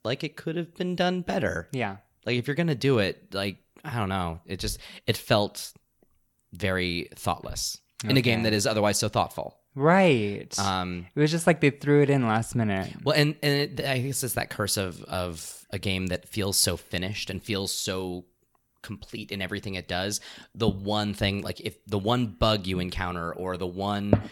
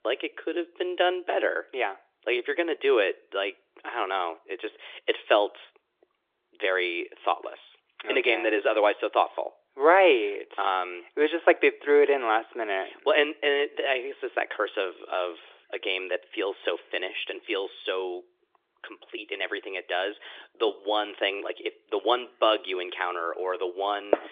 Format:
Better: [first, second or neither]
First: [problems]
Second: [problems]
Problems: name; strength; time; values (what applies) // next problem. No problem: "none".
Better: first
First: none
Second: phone-call audio